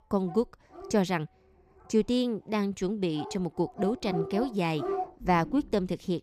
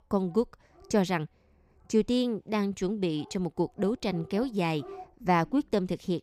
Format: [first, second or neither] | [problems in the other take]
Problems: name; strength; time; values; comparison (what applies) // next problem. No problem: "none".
second | animal sounds; loud; throughout; 9 dB below the speech; faint in the second